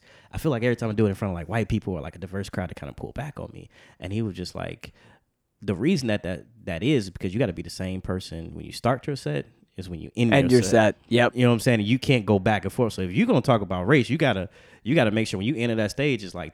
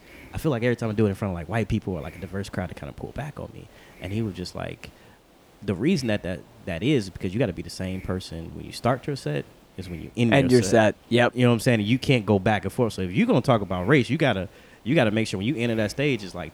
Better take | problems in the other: first | hiss; faint; throughout; 25 dB below the speech

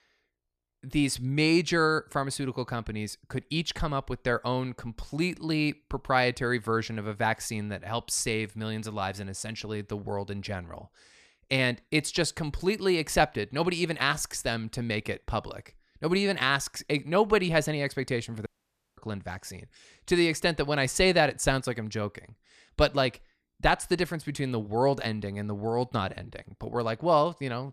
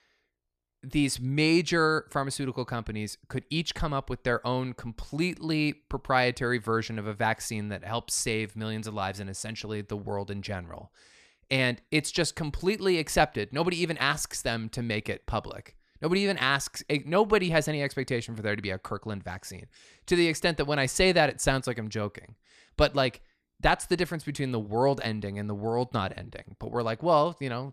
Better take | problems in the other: second | audio cutting out; at 18 s for 0.5 s

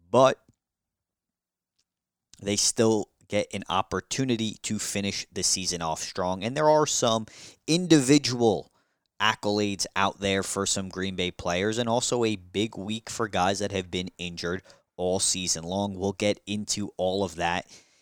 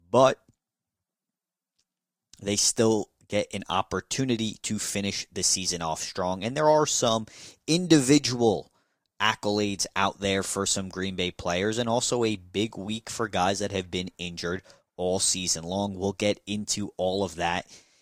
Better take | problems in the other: first | garbled, watery; slightly; nothing above 15 kHz

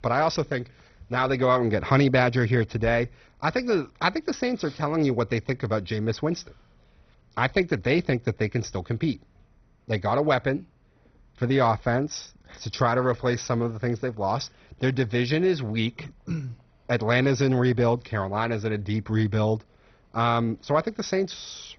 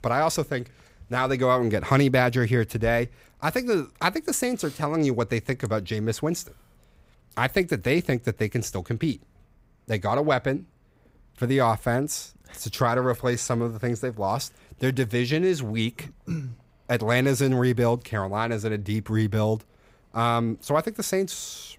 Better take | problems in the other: second | garbled, watery; badly; nothing above 6 kHz

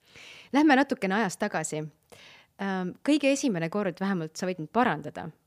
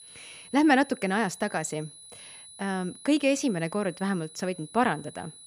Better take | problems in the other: first | high-pitched whine; noticeable; throughout; 10.5 kHz, 20 dB below the speech

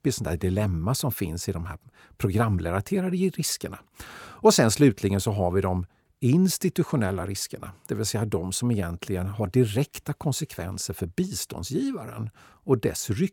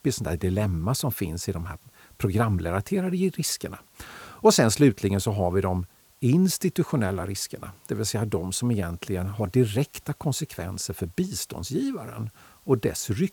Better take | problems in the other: first | hiss; faint; throughout; 30 dB below the speech

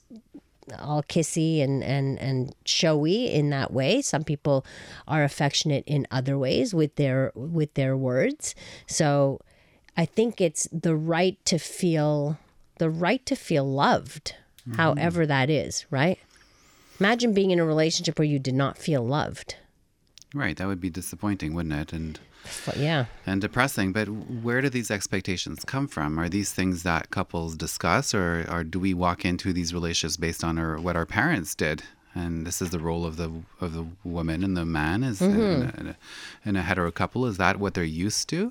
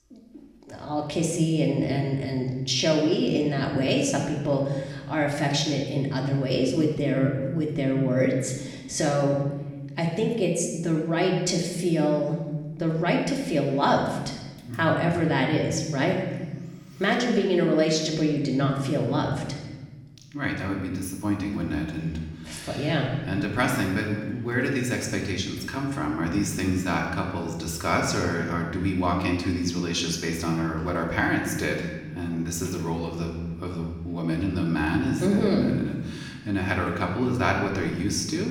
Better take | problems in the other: first | room echo; noticeable; dies away in 1.2 s // off-mic speech; somewhat distant

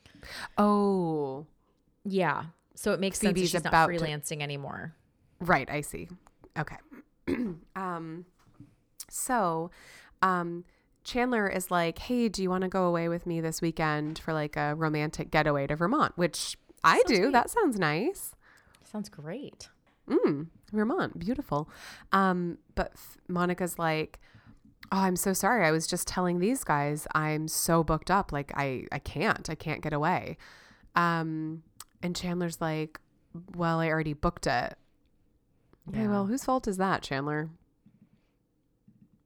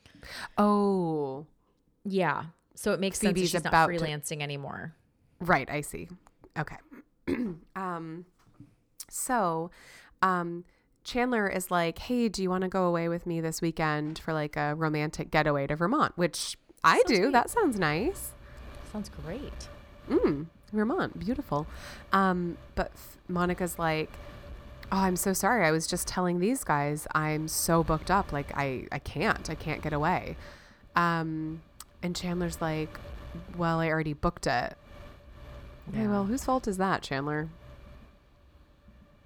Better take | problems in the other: first | wind noise on the microphone; occasional gusts; from 17 s on; 25 dB below the speech

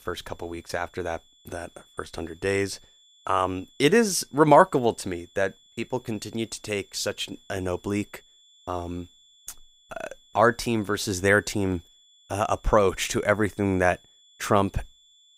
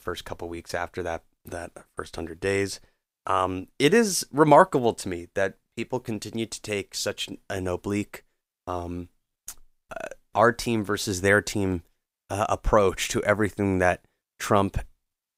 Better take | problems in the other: second | high-pitched whine; faint; throughout; 3.5 kHz, 30 dB below the speech

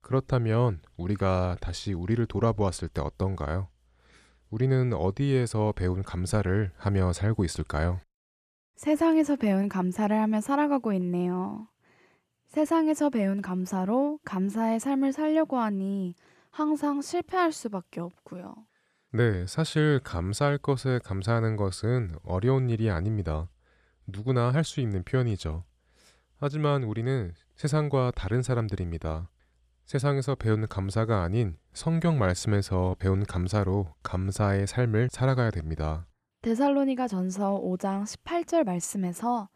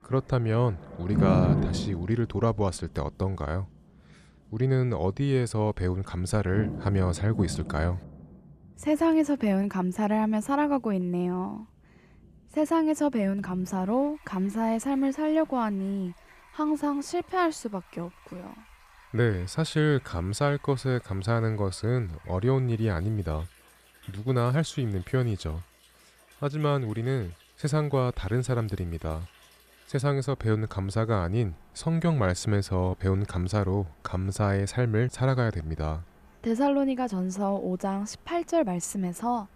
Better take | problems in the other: first | rain or running water; loud; throughout; 4 dB below the speech

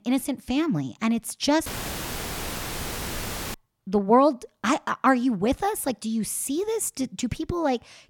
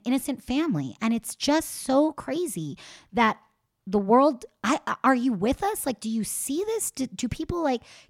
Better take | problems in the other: second | audio cutting out; filled with static; at 1.5 s for 2 s

